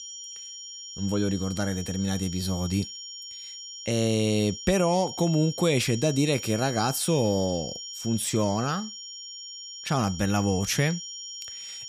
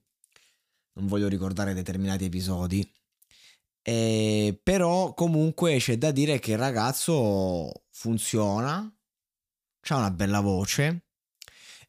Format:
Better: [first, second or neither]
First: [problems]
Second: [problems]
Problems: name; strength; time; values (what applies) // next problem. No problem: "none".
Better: second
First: high-pitched whine; noticeable; throughout; 5.5 kHz, 10 dB below the speech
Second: none